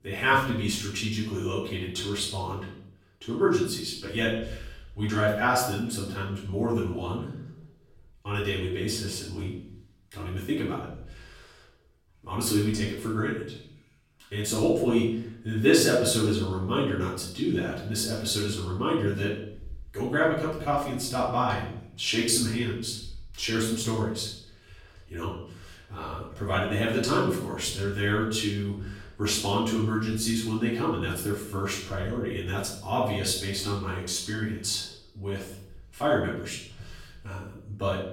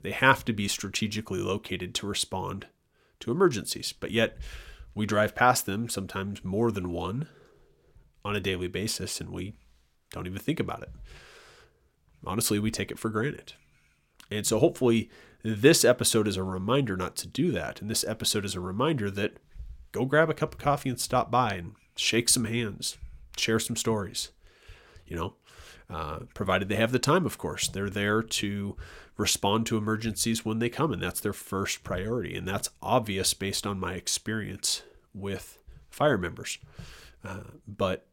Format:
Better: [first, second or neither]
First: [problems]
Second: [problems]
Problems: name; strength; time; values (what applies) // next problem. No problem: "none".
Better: second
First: room echo; noticeable; dies away in 0.6 s // off-mic speech; far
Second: none